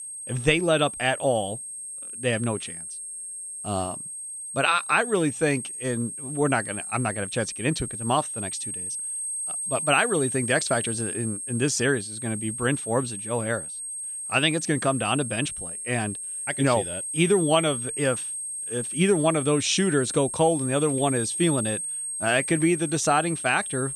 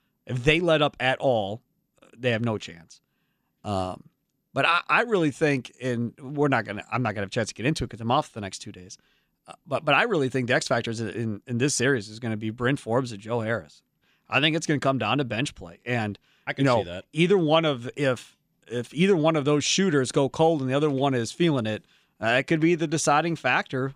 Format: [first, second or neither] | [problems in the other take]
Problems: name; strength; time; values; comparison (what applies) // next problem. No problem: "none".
second | high-pitched whine; loud; throughout; 8.5 kHz, 5 dB below the speech